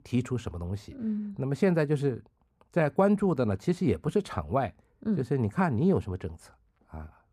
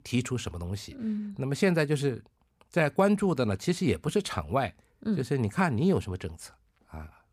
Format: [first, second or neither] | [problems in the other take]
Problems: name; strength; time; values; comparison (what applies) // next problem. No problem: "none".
second | muffled; slightly; fading above 2 kHz